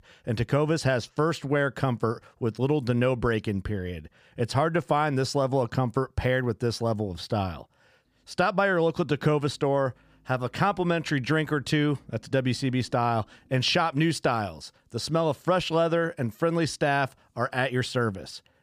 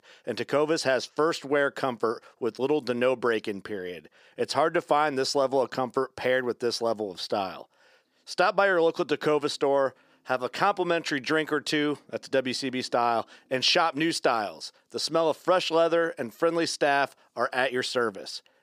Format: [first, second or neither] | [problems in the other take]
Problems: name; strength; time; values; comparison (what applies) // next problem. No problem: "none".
first | thin; somewhat; fading below 400 Hz